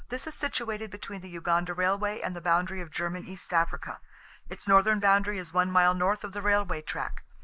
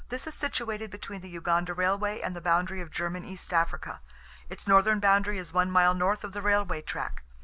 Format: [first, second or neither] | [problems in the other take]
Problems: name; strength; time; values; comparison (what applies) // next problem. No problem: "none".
second | noise reduction (neural mask model Resemble Enhance denoiser)